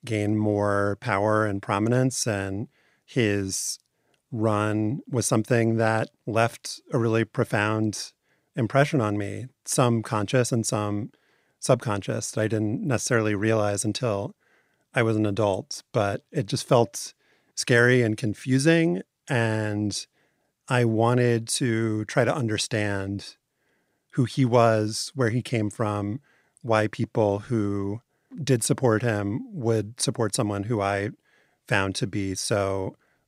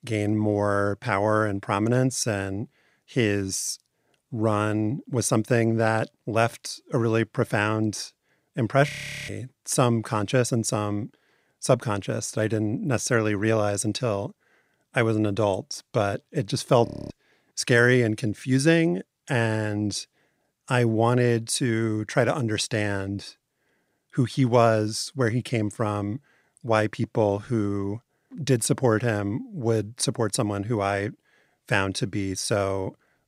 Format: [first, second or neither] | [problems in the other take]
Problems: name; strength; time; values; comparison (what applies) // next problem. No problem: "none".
first | audio freezing; at 9 s and at 17 s